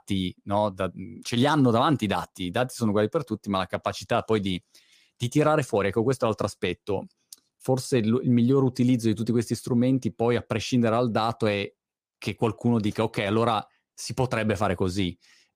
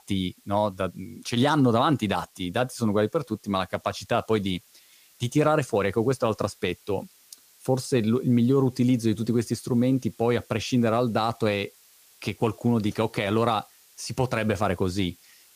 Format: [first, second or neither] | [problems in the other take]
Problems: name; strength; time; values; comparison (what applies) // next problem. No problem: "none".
first | hiss; faint; throughout; 30 dB below the speech